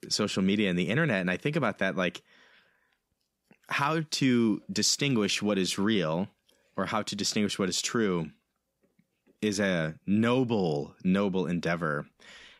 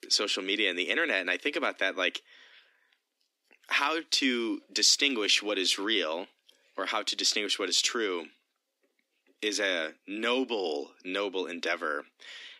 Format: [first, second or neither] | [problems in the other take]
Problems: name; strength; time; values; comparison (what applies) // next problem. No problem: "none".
first | thin; somewhat; fading below 250 Hz